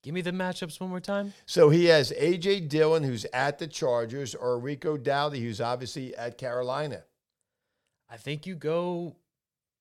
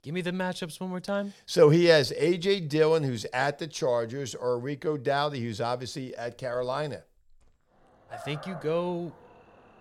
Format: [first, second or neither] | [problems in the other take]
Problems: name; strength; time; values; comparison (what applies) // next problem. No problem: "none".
first | animal sounds; noticeable; throughout; 20 dB below the speech